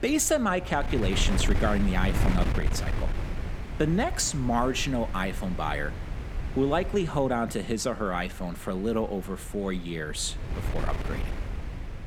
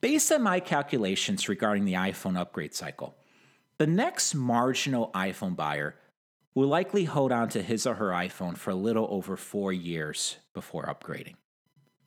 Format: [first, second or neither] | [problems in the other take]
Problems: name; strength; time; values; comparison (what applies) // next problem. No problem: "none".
second | wind noise on the microphone; occasional gusts; 10 dB below the speech